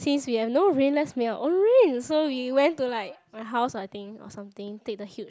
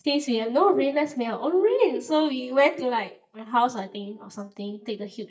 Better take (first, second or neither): first